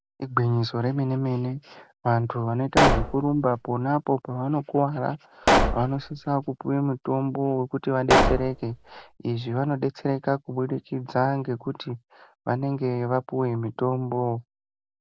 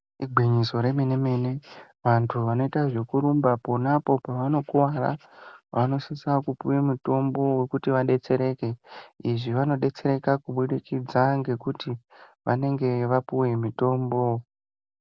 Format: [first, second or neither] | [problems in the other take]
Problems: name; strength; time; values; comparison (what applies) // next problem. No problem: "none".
second | background sound (Explosion); 3 dB above the speech